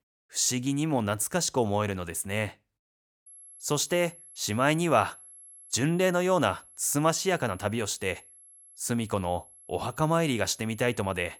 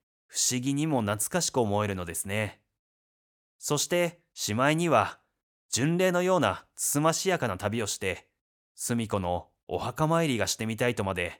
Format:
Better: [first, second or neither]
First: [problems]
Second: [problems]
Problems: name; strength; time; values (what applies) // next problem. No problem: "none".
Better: second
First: high-pitched whine; faint; from 3.5 s on; 11 kHz, 20 dB below the speech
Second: none